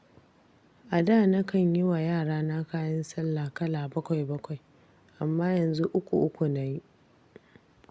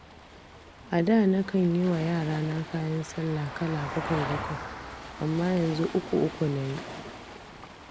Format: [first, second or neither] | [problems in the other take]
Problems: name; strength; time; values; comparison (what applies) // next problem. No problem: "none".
first | background sound (Waves, surf + Vehicle); 11 dB below the speech